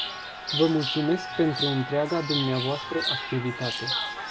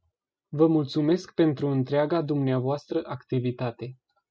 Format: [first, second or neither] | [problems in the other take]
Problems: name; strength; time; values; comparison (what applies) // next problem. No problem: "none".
second | background sound (Chirp, tweet); 4 dB below the speech